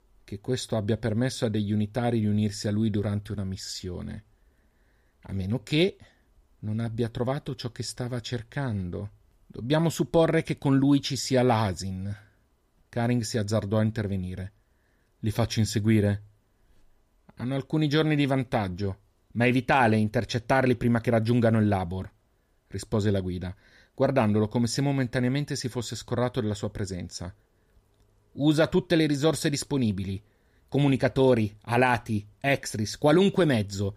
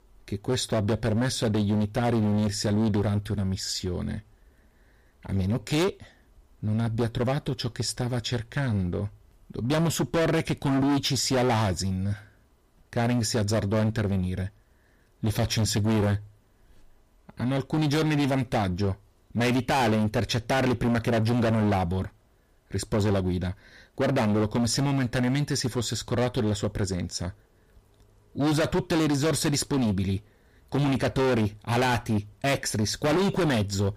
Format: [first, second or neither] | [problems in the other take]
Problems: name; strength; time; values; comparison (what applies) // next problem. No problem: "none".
first | distortion; heavy; 19% of the sound clipped